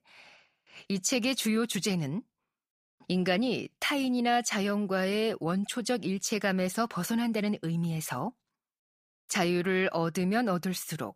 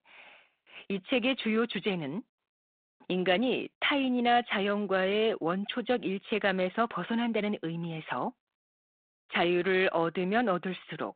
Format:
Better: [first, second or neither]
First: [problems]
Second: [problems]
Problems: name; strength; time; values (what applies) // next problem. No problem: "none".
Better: first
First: none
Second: phone-call audio; nothing above 3.5 kHz